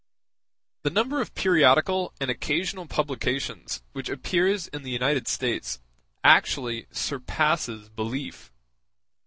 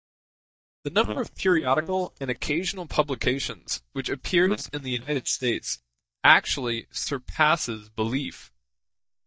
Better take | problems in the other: first | noise reduction (neural mask model DeepFilterNet 3)

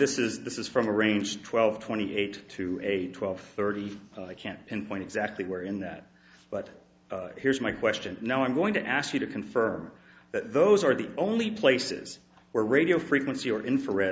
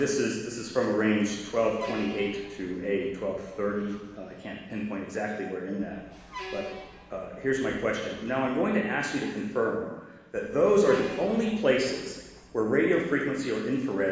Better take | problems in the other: first | background sound (Truck); 19 dB below the speech // room echo; dies away in 1.2 s

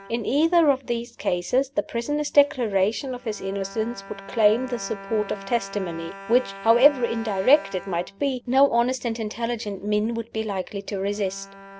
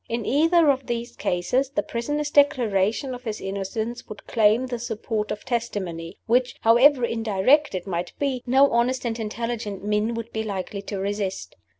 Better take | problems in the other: second | background sound (Bowed string instrument); 19 dB below the speech

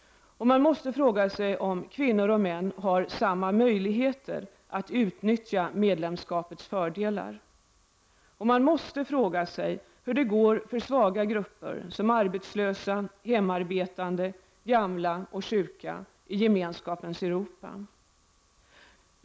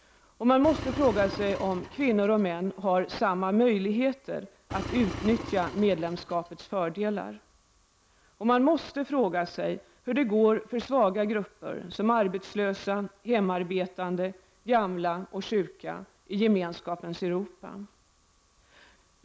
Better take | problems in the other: first | background sound (Engine); 10 dB below the speech

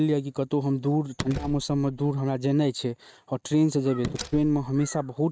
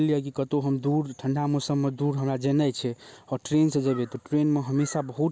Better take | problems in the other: second | noise reduction (neural mask model RNNoise)

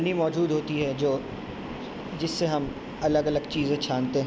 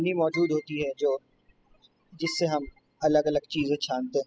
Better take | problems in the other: first | noise reduction (classical method spectral subtraction)

